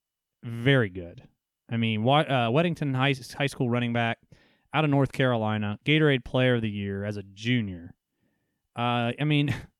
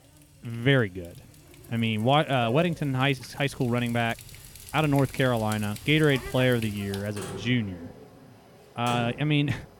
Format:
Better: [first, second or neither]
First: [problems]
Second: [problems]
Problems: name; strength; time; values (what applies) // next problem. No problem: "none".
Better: first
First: none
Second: household noises; noticeable; throughout; 15 dB below the speech